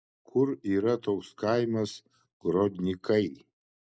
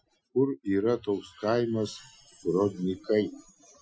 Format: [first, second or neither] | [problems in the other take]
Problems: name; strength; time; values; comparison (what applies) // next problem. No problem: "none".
first | noise reduction (classical method Wiener filter)